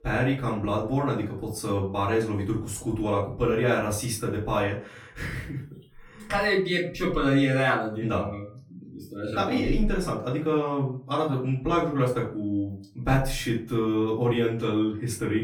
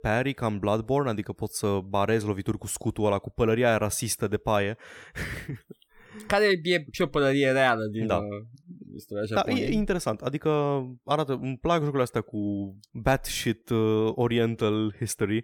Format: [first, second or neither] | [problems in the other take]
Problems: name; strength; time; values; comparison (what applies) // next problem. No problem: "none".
second | off-mic speech; far // room echo; slight; dies away in 0.3 s